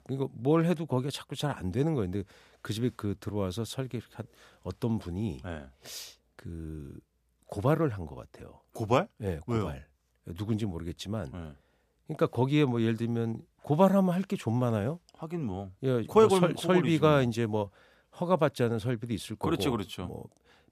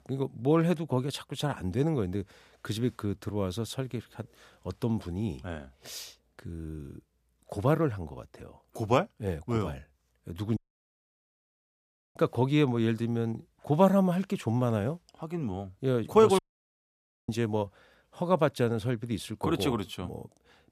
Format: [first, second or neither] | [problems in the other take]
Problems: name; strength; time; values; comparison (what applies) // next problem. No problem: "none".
first | audio cutting out; at 11 s for 1.5 s and at 16 s for 1 s